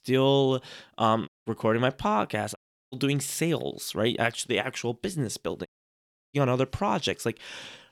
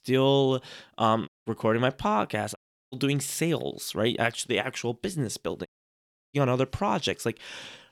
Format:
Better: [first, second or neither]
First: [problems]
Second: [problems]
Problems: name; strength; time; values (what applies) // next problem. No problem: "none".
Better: neither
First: audio cutting out; at 1.5 s, at 2.5 s and at 5.5 s for 0.5 s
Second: audio cutting out; at 1.5 s, at 2.5 s and at 5.5 s for 0.5 s